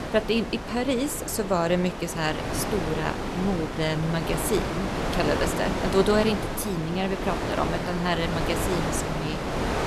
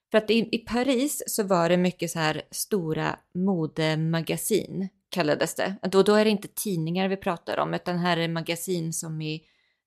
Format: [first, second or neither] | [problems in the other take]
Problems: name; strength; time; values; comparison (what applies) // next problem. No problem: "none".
second | wind noise on the microphone; heavy; 2 dB below the speech